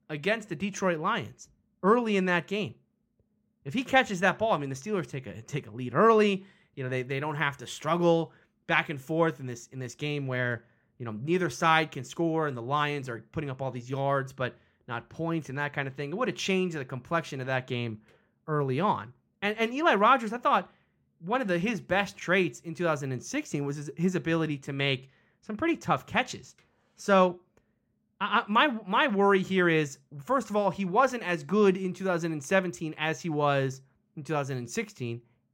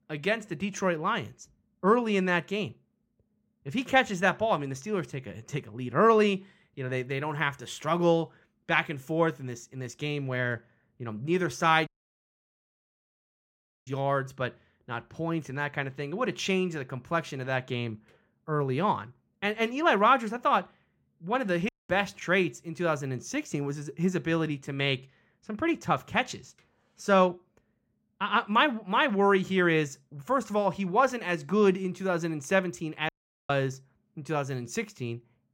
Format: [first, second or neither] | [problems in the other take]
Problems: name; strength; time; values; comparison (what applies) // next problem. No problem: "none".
first | audio cutting out; at 12 s for 2 s, at 22 s and at 33 s